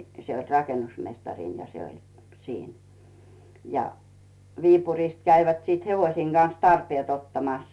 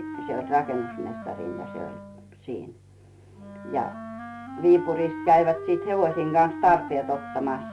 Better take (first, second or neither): first